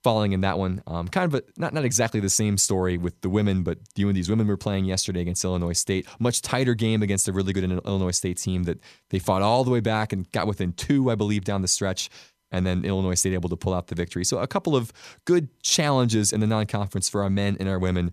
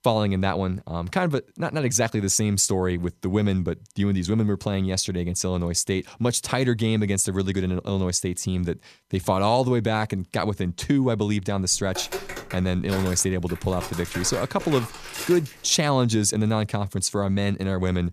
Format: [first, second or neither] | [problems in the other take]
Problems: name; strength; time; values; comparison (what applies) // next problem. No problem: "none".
first | footsteps; noticeable; from 12 to 16 s; peak 8 dB below the speech